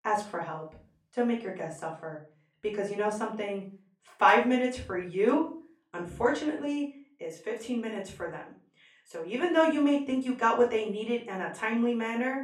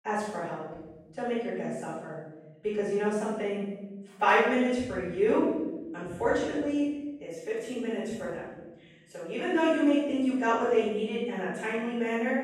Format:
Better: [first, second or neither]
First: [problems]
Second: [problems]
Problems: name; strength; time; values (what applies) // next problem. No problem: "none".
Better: first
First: room echo; slight; dies away in 0.3 s // off-mic speech; far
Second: room echo; strong; dies away in 1.2 s // off-mic speech; far